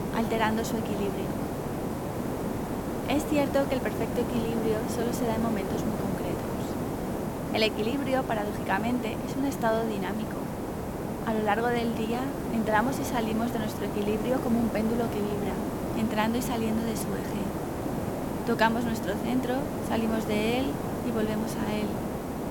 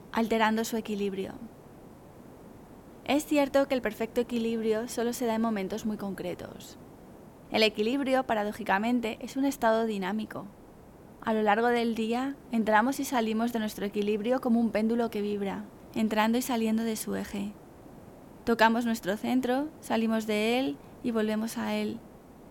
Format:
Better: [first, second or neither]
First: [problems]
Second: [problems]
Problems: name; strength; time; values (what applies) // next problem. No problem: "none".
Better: second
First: hiss; loud; throughout; 2 dB below the speech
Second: hiss; faint; throughout; 20 dB below the speech